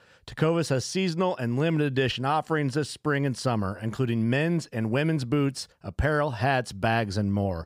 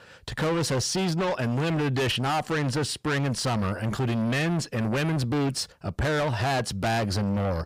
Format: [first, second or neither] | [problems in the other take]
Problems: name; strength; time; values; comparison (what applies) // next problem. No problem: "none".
first | distortion; heavy; 6 dB below the speech